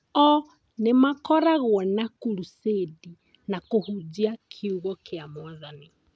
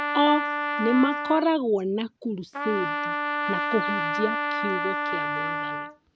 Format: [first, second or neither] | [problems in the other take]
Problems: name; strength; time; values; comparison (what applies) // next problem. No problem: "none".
first | background sound (Trumpet); 2 dB below the speech